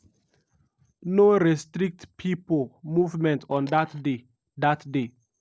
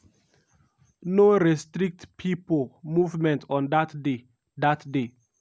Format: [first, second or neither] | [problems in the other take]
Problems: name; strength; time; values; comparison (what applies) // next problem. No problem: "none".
second | noise reduction (neural separator model SepFormer DNS4)